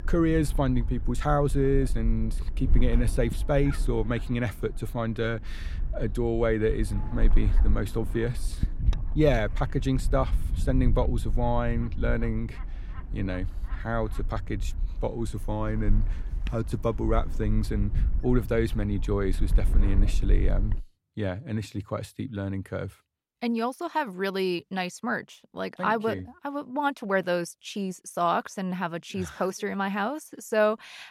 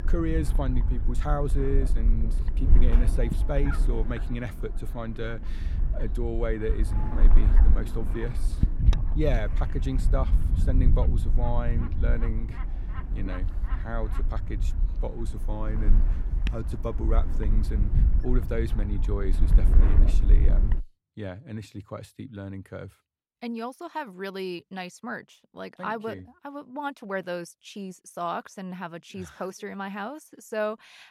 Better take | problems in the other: first | wind noise on the microphone; heavy; until 21 s; 8 dB below the speech; occasional gusts in the first

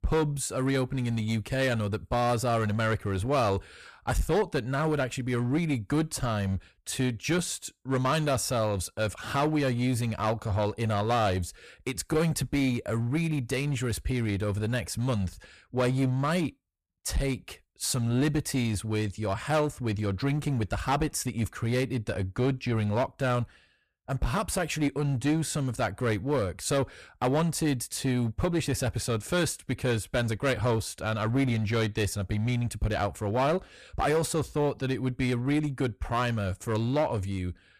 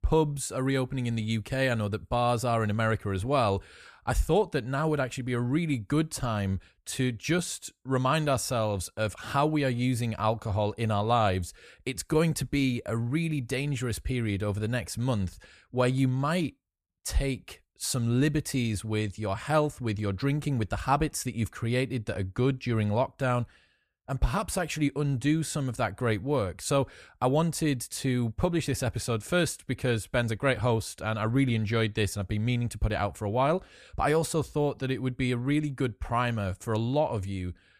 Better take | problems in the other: second | distortion; slight; 8% of the sound clipped

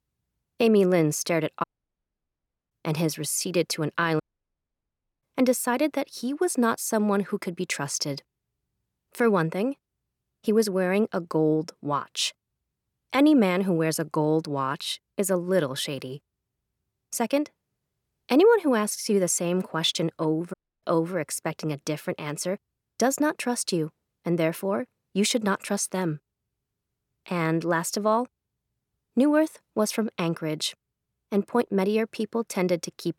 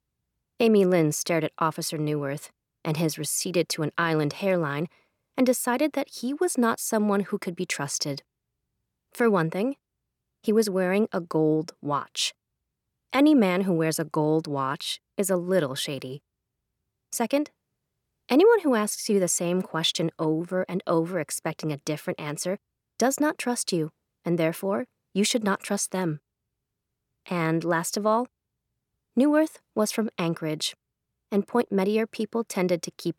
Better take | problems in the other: second | audio cutting out; at 1.5 s for 1 s, at 4 s for 1 s and at 21 s

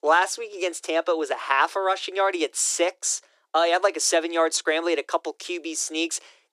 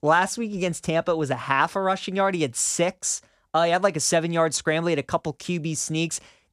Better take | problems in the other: second | thin; very; fading below 300 Hz

